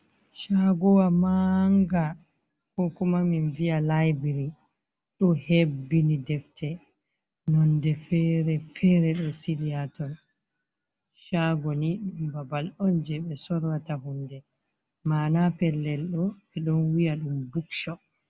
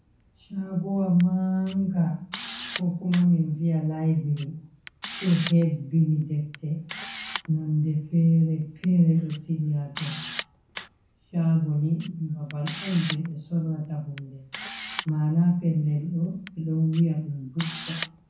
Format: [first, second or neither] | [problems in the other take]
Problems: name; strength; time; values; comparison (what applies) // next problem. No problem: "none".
first | background sound (Camera); 16 dB below the speech // room echo; dies away in 0.5 s